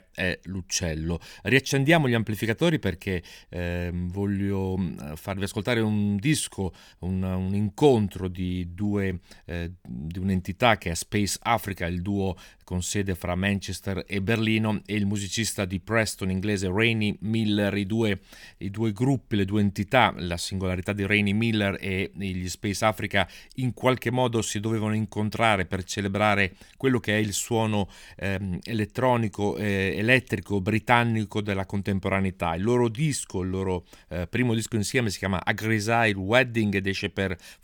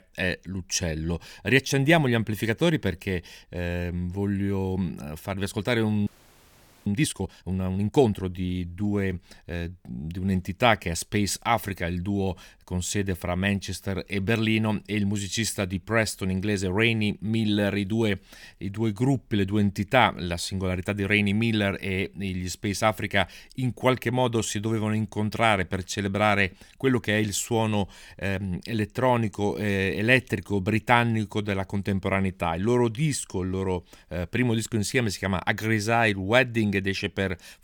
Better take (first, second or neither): first